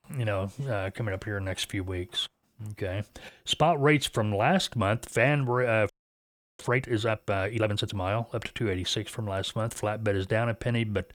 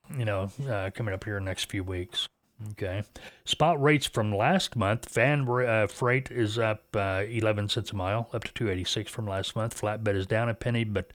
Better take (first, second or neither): second